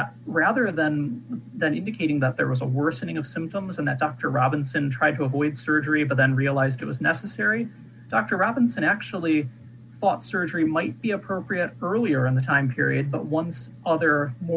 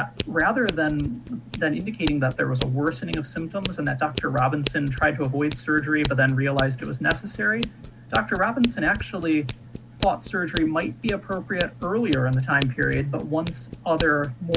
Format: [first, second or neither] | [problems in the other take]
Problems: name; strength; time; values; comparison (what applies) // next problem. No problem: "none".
first | background sound (Scissors); 11 dB below the speech